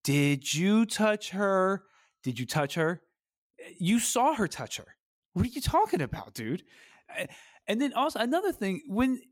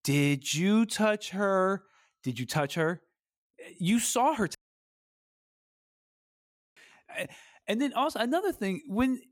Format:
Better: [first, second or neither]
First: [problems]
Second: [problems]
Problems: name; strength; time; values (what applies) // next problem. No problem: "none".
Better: first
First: none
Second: audio cutting out; at 4.5 s for 2 s